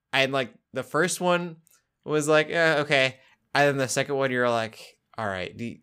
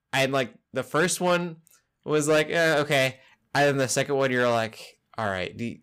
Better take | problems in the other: first | distortion; slight; 5% of the sound clipped

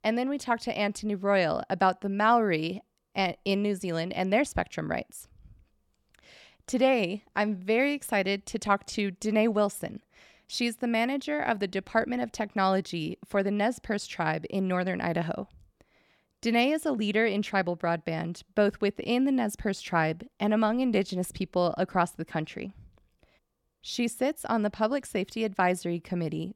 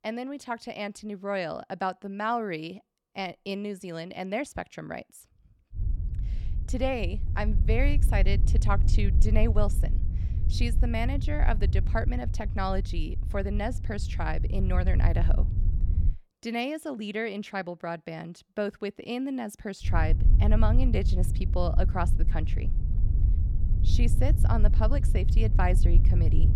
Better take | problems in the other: first | low rumble; noticeable; from 6 to 16 s and from 20 s on; 10 dB below the speech

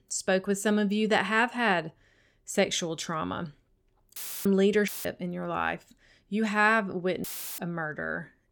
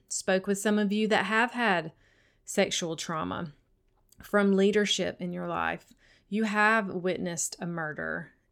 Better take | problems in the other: second | audio cutting out; filled with static; at 4 s, at 5 s and at 7 s

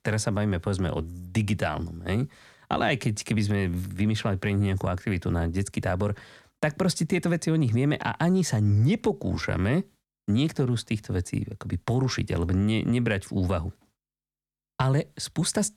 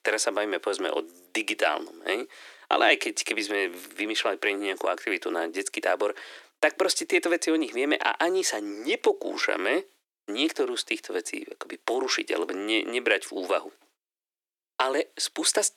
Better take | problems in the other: first | thin; very; fading below 300 Hz

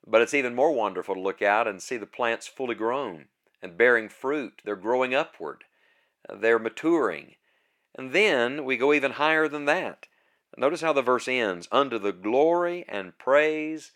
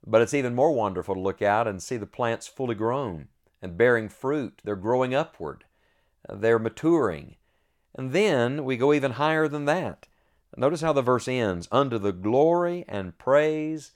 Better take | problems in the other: second | thin; very slightly; fading below 300 Hz

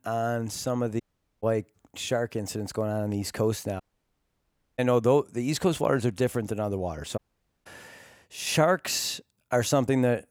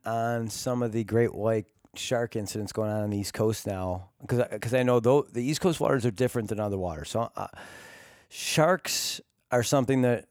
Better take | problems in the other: second | audio cutting out; at 1 s, at 4 s for 1 s and at 7 s

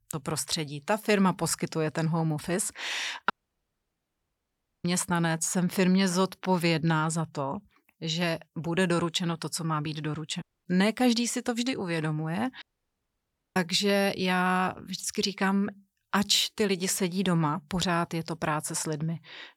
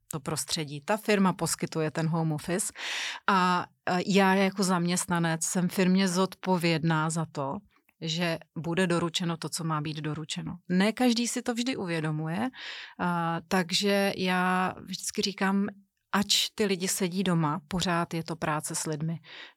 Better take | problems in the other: second | audio cutting out; at 3.5 s for 1.5 s, at 10 s and at 13 s for 1 s

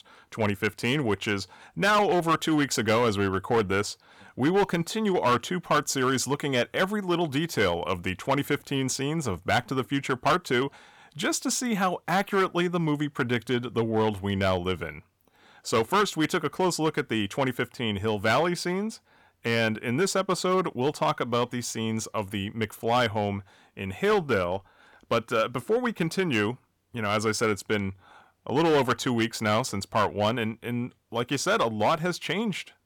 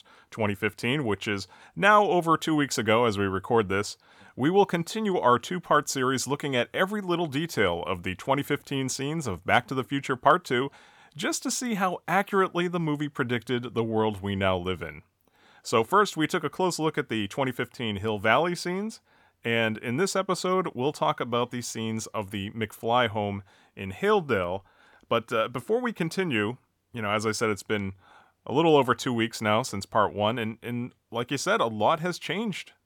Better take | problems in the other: second | distortion; slight; 5% of the sound clipped

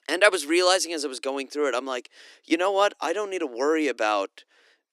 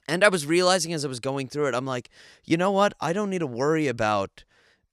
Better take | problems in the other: second | thin; somewhat; fading below 300 Hz

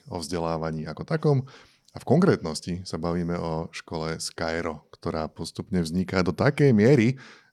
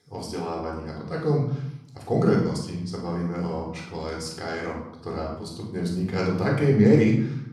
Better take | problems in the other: first | off-mic speech; somewhat distant // room echo; noticeable; dies away in 0.7 s

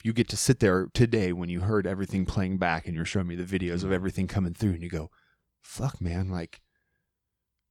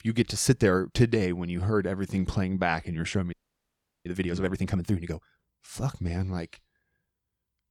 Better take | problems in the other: first | audio freezing; at 3.5 s for 0.5 s

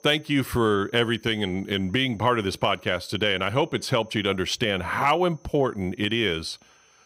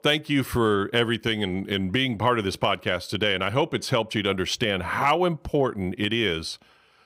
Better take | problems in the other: second | high-pitched whine; faint; throughout; 6 kHz, 35 dB below the speech

